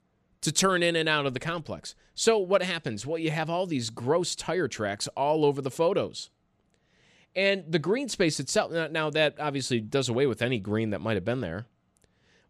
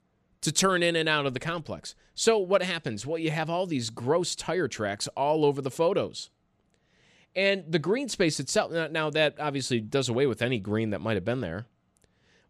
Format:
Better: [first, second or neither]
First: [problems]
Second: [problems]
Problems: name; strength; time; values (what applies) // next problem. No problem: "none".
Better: neither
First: none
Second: none